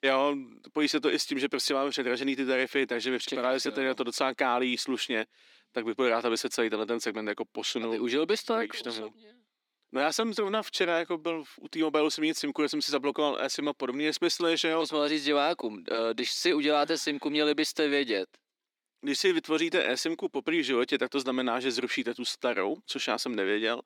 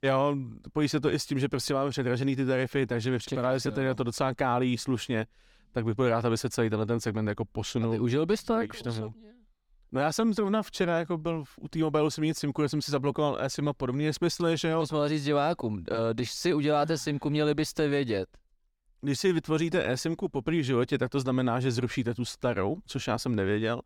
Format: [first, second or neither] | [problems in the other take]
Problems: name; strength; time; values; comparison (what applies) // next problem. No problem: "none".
second | thin; very slightly; fading below 300 Hz